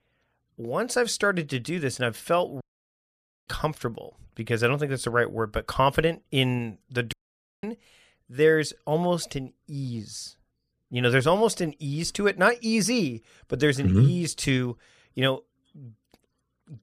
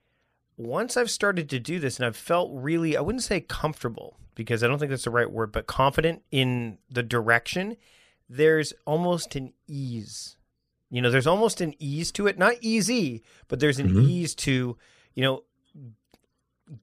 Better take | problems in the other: second | audio cutting out; at 2.5 s for 1 s and at 7 s for 0.5 s

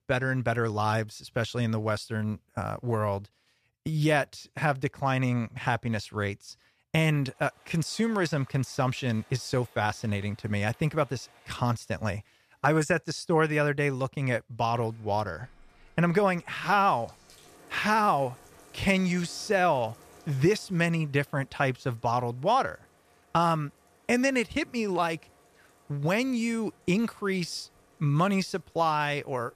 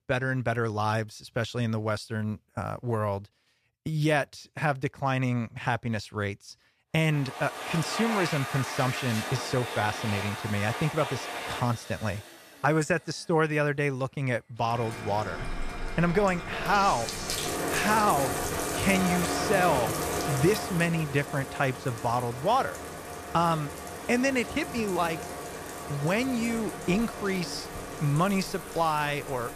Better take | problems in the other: first | household noises; loud; from 7.5 s on; 5 dB below the speech; faint in the first

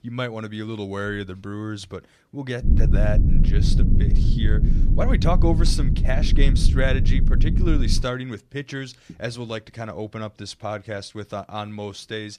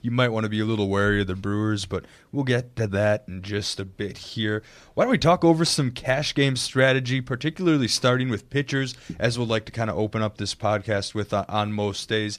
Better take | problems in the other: second | low rumble; loud; from 2.5 to 8 s; 5 dB below the speech

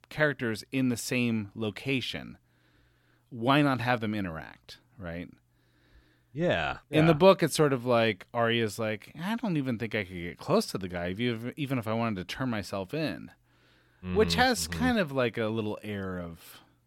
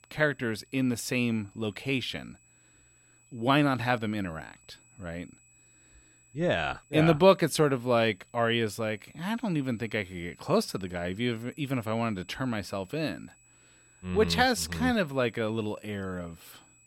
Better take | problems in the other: first | high-pitched whine; faint; throughout; 8 kHz, 30 dB below the speech

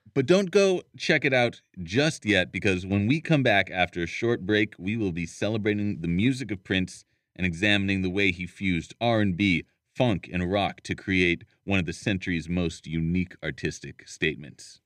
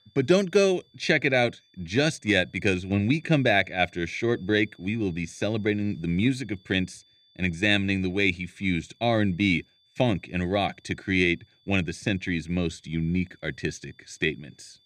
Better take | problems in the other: first | high-pitched whine; faint; throughout; 3.5 kHz, 35 dB below the speech

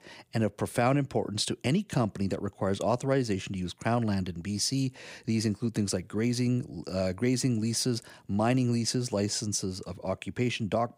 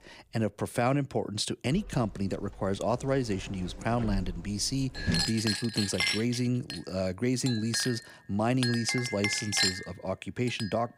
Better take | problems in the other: first | household noises; loud; throughout; 1 dB below the speech

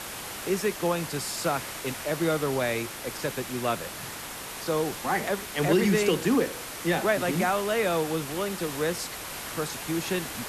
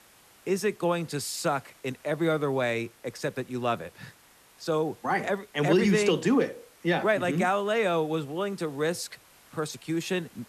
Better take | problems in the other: second | hiss; loud; throughout; 7 dB below the speech; faint in the second

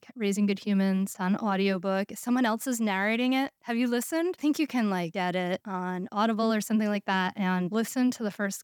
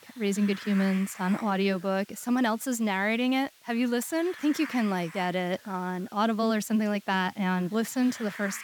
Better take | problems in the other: first | hiss; noticeable; throughout; 20 dB below the speech

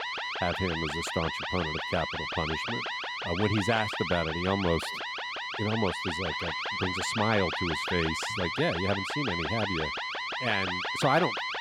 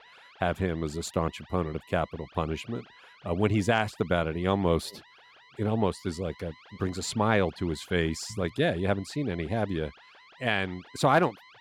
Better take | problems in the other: second | alarms or sirens; loud; throughout; 1 dB below the speech; faint in the second

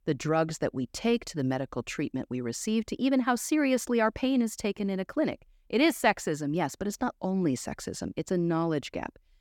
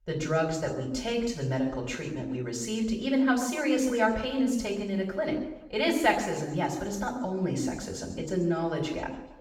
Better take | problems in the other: first | room echo; noticeable; dies away in 0.9 s // off-mic speech; far

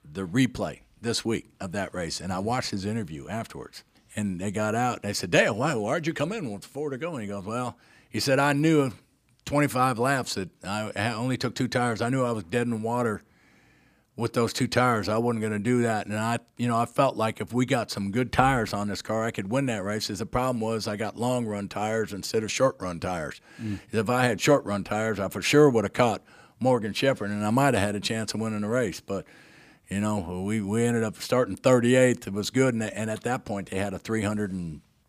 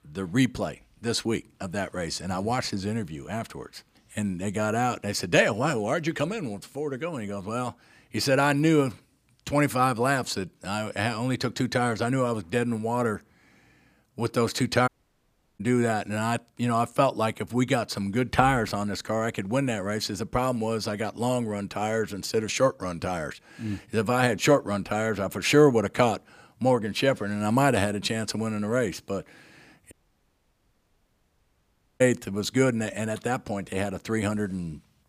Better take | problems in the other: first | audio cutting out; at 15 s for 0.5 s and at 30 s for 2 s

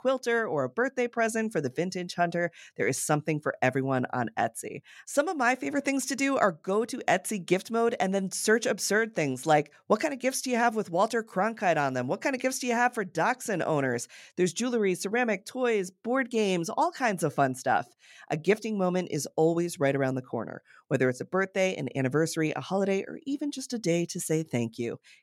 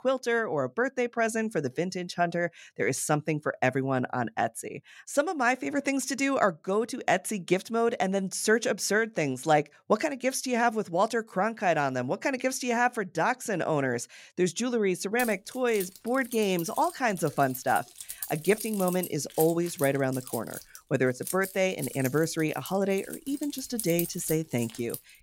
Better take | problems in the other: first | jangling keys; noticeable; from 15 s on; peak 5 dB below the speech

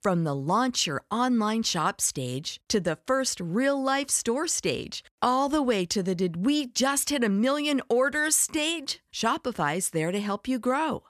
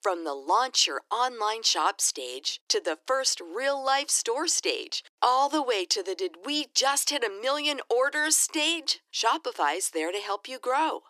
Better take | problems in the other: first | thin; very; fading below 300 Hz

